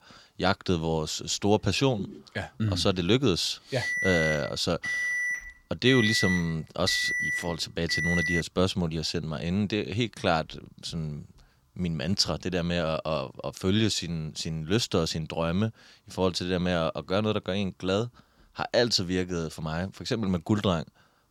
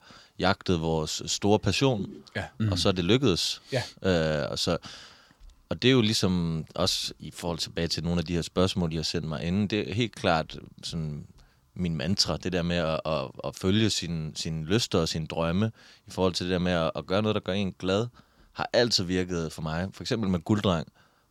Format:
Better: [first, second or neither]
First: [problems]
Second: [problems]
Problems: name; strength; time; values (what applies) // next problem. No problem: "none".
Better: second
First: alarm; loud; from 4 to 8.5 s; peak 2 dB above the speech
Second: none